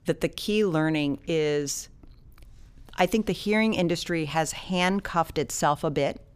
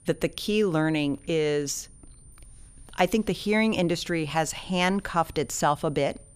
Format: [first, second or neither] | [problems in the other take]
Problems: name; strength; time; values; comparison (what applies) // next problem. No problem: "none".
first | high-pitched whine; faint; throughout; 9.5 kHz, 30 dB below the speech